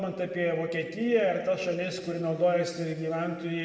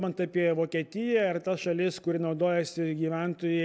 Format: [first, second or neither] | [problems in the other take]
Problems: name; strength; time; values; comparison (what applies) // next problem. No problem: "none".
second | room echo; dies away in 1.8 s